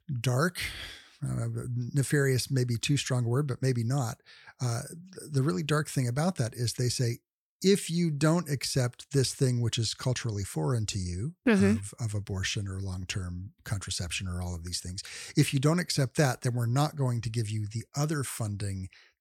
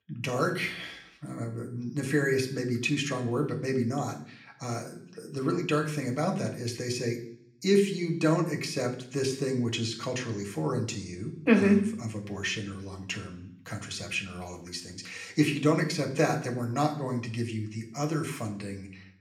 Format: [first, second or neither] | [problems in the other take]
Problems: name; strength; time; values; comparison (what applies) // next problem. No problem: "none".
first | room echo; slight; dies away in 0.6 s // off-mic speech; somewhat distant